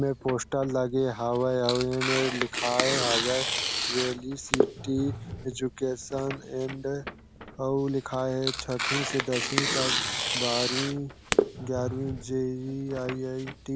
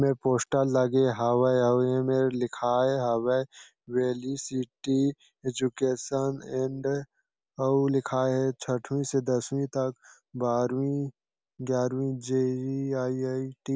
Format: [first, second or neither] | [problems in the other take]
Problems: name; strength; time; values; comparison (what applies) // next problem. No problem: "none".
second | background sound (Tearing); 2 dB below the speech